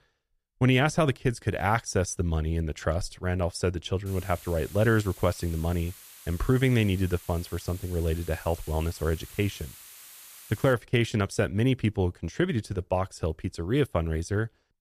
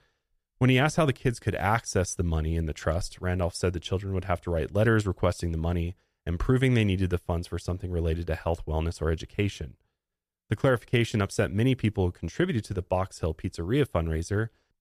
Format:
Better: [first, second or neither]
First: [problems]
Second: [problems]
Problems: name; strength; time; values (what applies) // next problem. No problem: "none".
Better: second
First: hiss; noticeable; from 4 to 11 s; 20 dB below the speech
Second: none